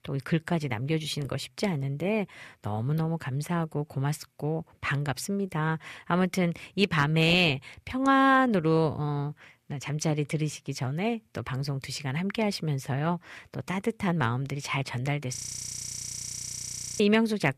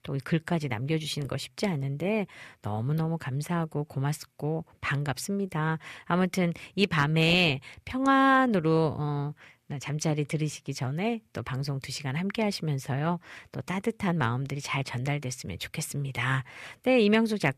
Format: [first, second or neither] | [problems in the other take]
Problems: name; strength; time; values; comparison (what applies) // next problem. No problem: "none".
second | audio freezing; at 15 s for 1.5 s